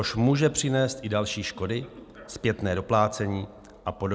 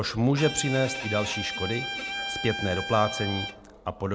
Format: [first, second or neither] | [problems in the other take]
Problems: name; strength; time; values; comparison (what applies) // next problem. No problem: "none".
first | background sound (Bowed string instrument); 6 dB below the speech